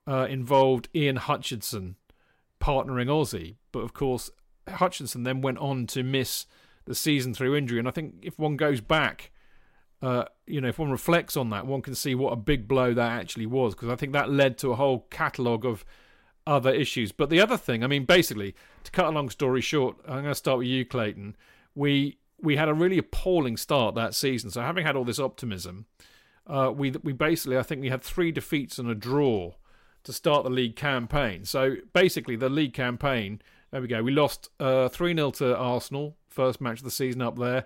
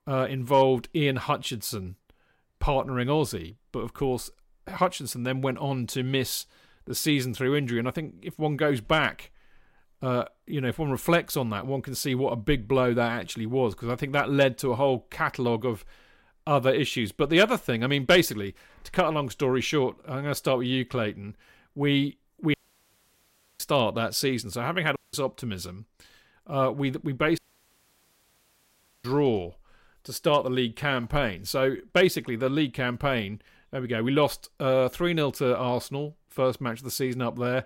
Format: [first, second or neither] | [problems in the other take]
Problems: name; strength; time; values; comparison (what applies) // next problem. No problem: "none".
first | audio cutting out; at 23 s for 1 s, at 25 s and at 27 s for 1.5 s